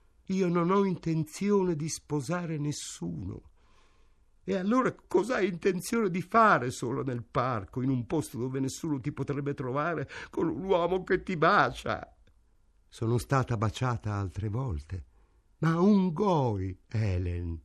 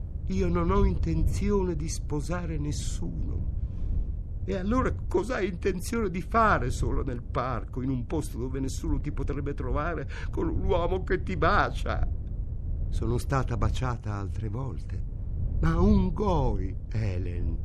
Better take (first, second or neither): first